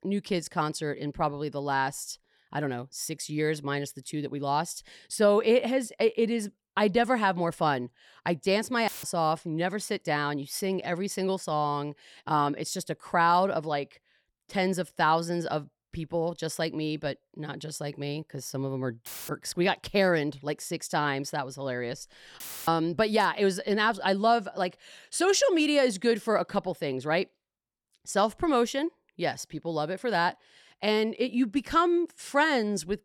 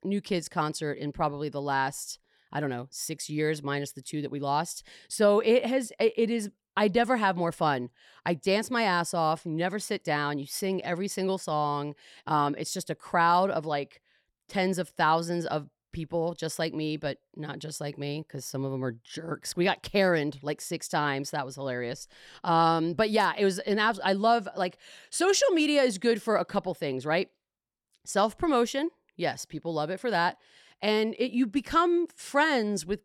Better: second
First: audio cutting out; filled with static; at 9 s, at 19 s and at 22 s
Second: none

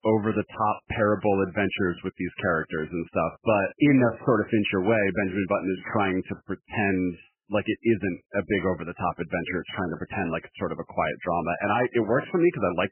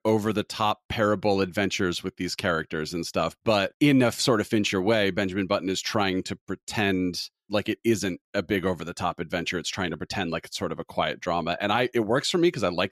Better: second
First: garbled, watery; badly; nothing above 3 kHz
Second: none

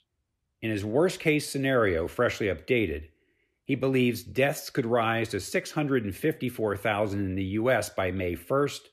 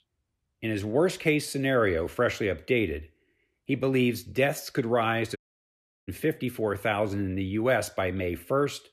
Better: first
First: none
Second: audio cutting out; at 5.5 s for 0.5 s

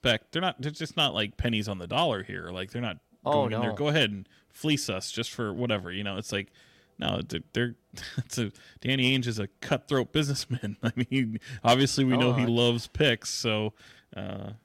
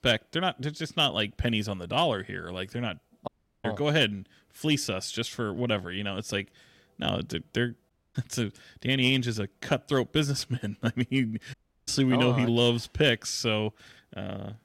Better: first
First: none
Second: audio cutting out; at 3.5 s, at 8 s and at 12 s

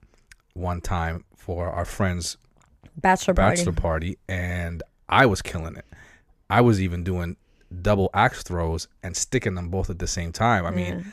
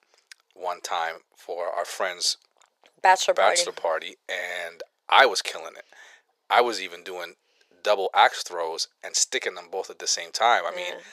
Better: first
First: none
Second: thin; very; fading below 500 Hz

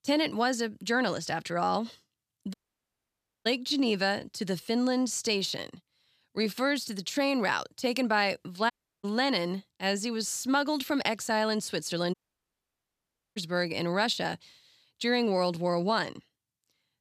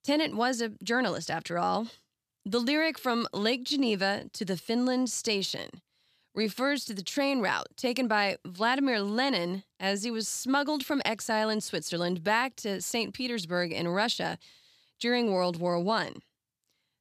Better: second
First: audio cutting out; at 2.5 s for 1 s, at 8.5 s and at 12 s for 1 s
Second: none

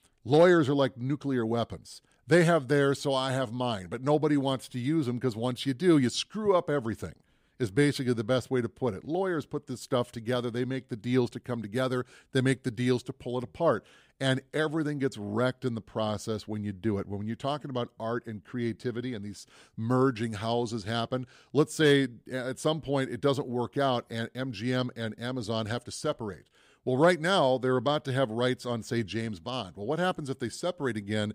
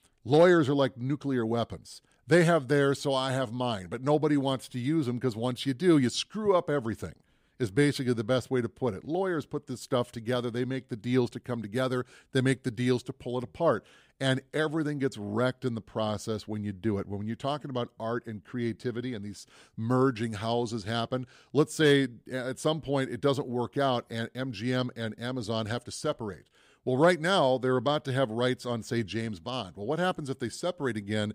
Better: neither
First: none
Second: none

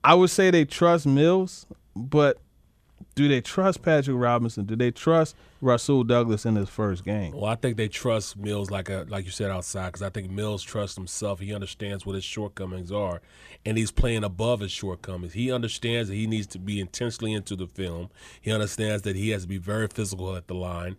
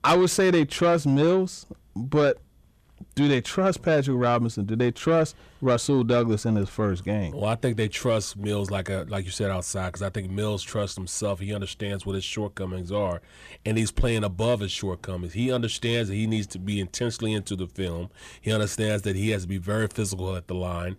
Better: first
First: none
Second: distortion; slight; 10 dB below the speech

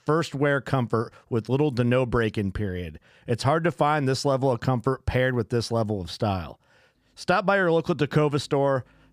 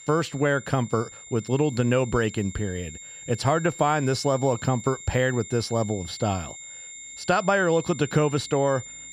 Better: first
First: none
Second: high-pitched whine; noticeable; throughout; 7.5 kHz, 15 dB below the speech

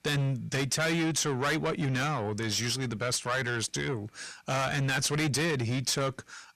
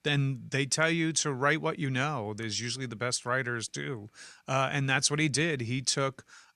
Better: second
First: distortion; heavy; 5 dB below the speech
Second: none

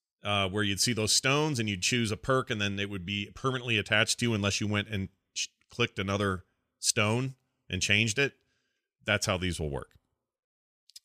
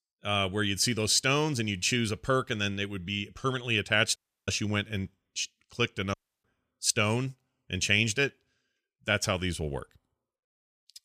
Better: first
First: none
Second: audio cutting out; at 4 s and at 6 s

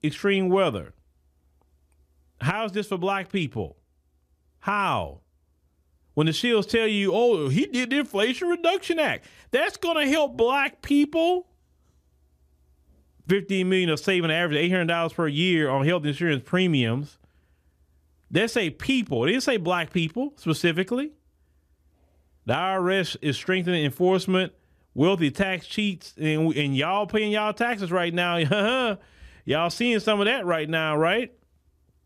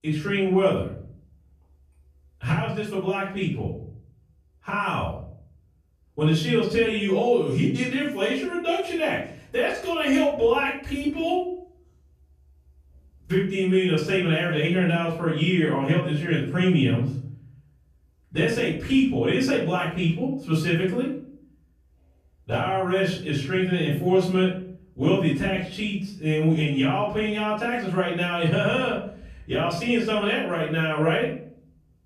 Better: first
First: none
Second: off-mic speech; far // room echo; noticeable; dies away in 0.6 s

